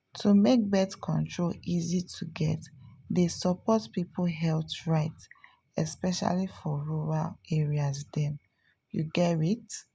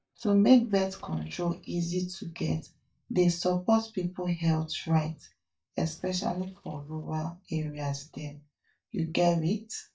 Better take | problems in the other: first | noise reduction (neural mask model DeepFilterNet 3)

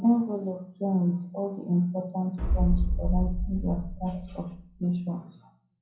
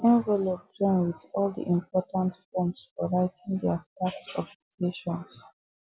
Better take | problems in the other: second | background sound (Boom); 1 dB above the speech // room echo; dies away in 0.5 s

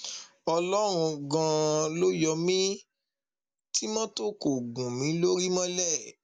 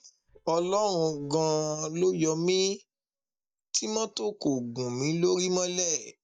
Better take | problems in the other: first | noise reduction (neural mask model DeepFilterNet 3)

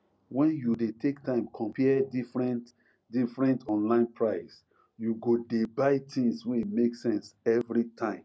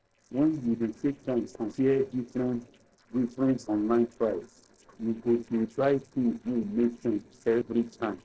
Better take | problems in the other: first | noise reduction (neural separator model SepFormer DNS4)

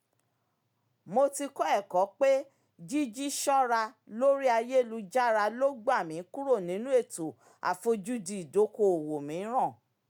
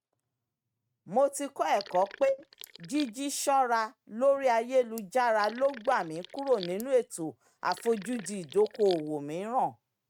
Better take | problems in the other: first | noise reduction (neural mask model RNNoise)

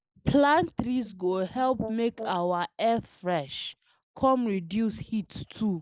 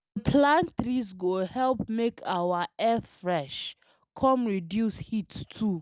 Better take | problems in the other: second | noise reduction (neural mask model Resemble Enhance denoiser)

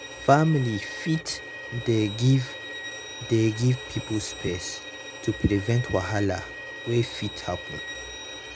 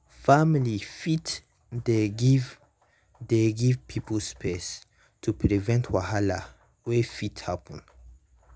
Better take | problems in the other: second | background sound (Bowed string instrument); 11 dB below the speech

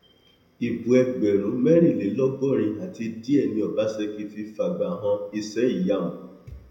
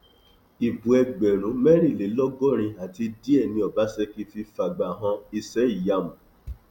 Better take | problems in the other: second | room echo; dies away in 0.7 s

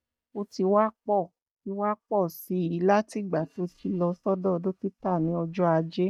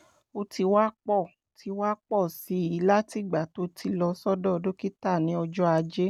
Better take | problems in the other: second | noise reduction (neural mask model DeepFilterNet 3)

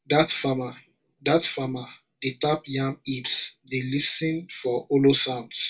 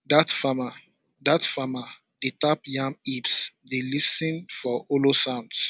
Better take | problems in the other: second | room echo; dies away in 0.1 s

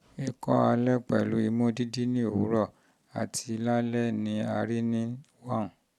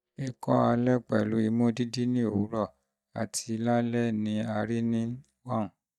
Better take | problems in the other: first | noise reduction (neural mask model DeepFilterNet 3)

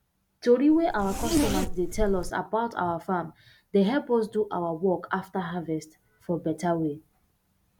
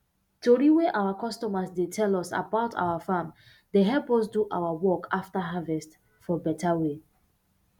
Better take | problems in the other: second | background sound (Zipper (clothing)); 1 dB below the speech

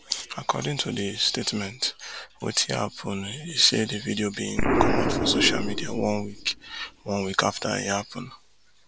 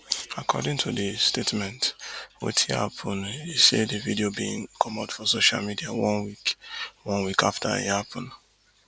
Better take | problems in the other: second | background sound (Explosion); 3 dB below the speech

